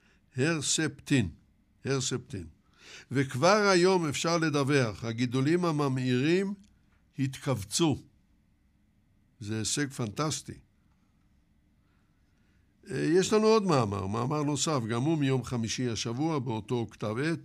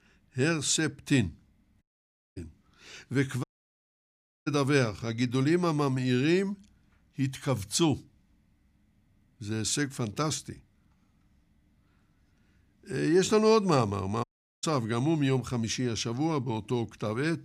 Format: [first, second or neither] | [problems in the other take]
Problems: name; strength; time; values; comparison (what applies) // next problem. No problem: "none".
first | audio cutting out; at 2 s for 0.5 s, at 3.5 s for 1 s and at 14 s